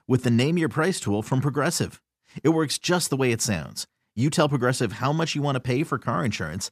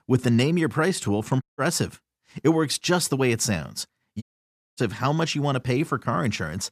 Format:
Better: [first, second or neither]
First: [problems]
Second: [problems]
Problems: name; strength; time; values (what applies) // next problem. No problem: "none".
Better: first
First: none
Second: audio cutting out; at 1.5 s and at 4 s for 0.5 s